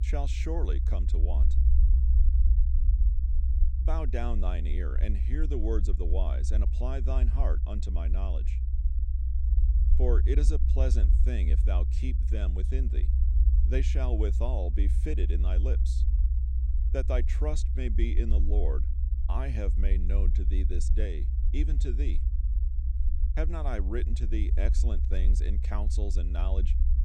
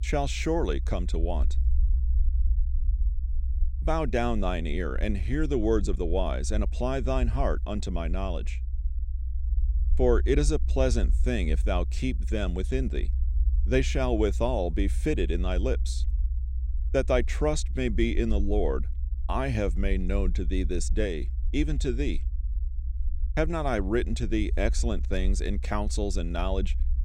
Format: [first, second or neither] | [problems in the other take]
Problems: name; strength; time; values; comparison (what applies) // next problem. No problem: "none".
second | low rumble; loud; throughout; 8 dB below the speech; faint in the second